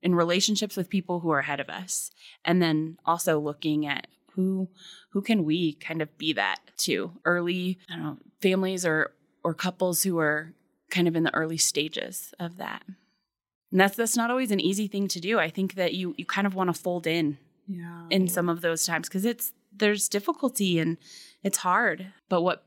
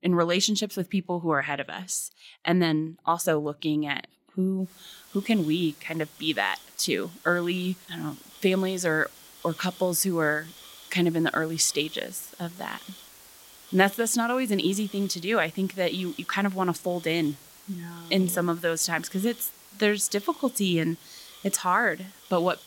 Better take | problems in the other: first | hiss; faint; from 4.5 s on; 20 dB below the speech

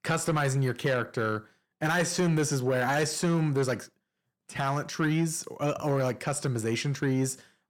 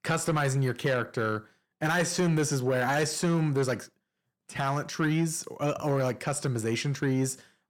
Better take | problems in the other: neither | distortion; slight; 10 dB below the speech; the same in both

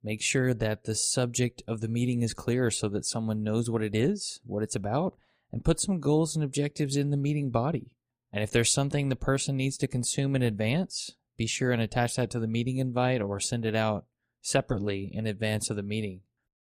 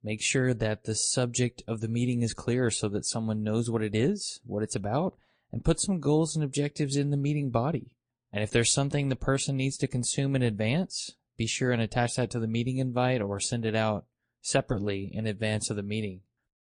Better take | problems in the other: first | garbled, watery; slightly; nothing above 9.5 kHz

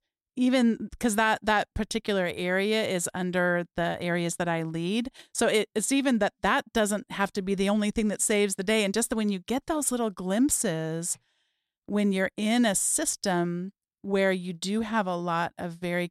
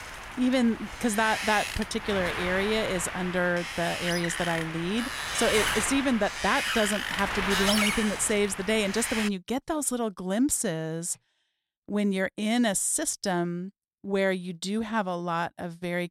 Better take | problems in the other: first | wind noise on the microphone; heavy; until 9.5 s; 1 dB below the speech

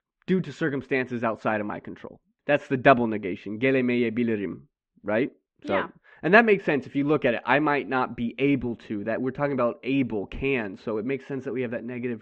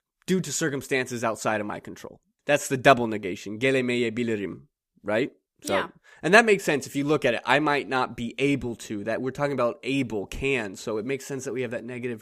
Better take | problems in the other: second | muffled; very; fading above 3 kHz

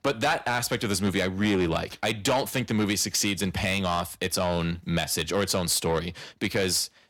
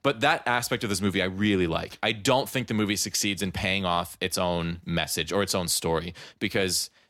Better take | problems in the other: second | distortion; slight; 10 dB below the speech

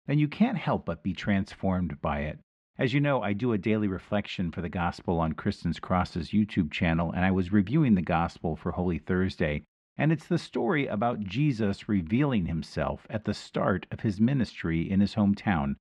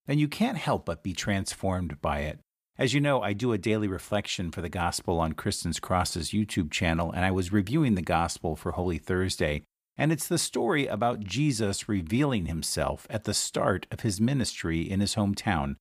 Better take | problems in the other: second | muffled; slightly; fading above 2.5 kHz

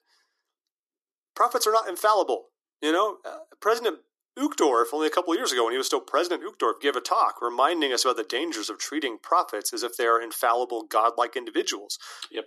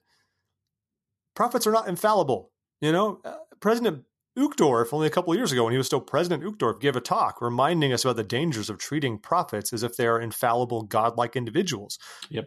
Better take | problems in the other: second | thin; somewhat; fading below 300 Hz

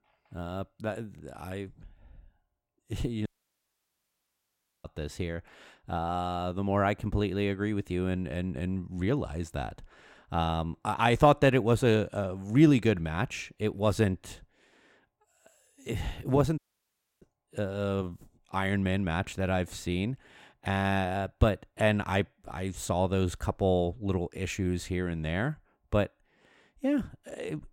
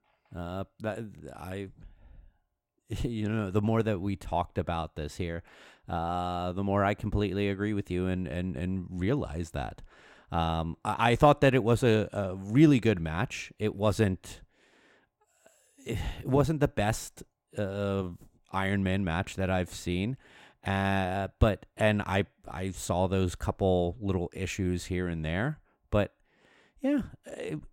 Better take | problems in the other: second | audio cutting out; at 3.5 s for 1.5 s and at 17 s for 0.5 s

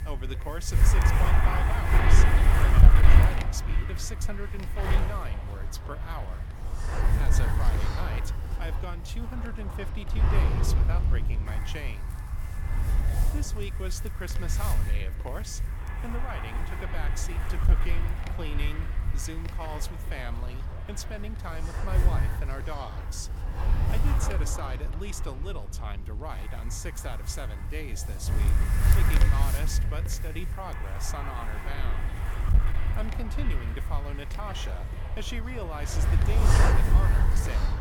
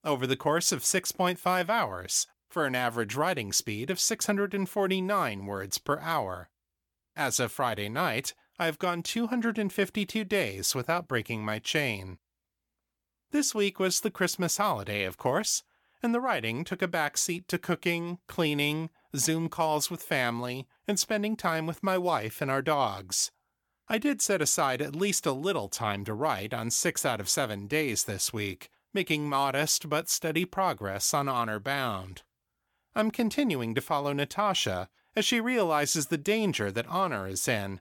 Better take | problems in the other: second | wind noise on the microphone; heavy; 2 dB above the speech

